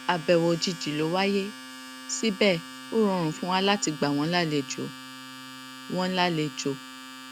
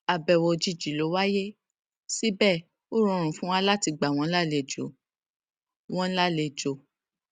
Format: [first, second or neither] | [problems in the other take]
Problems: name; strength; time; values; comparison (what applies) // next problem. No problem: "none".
second | background sound (Domestic sounds, home sounds); 14 dB below the speech